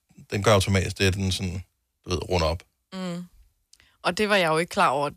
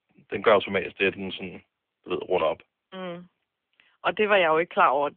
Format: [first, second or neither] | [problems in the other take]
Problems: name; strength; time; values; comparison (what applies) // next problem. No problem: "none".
first | phone-call audio; nothing above 3.5 kHz